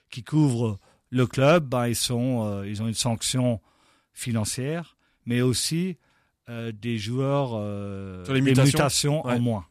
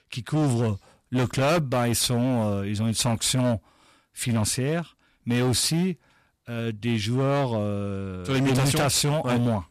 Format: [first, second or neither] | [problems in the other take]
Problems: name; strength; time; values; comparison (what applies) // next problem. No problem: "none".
first | distortion; heavy; 15% of the sound clipped